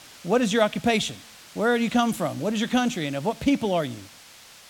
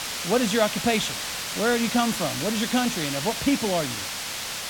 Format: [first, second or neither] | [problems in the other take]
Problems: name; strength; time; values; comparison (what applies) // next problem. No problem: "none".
first | hiss; loud; throughout; 3 dB below the speech; faint in the first